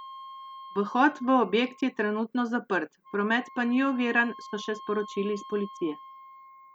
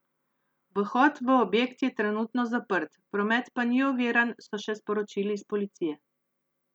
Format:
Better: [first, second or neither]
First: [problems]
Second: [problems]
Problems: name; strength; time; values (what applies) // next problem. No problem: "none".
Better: second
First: background sound (Wind instrument, woodwind instrument); 18 dB below the speech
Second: none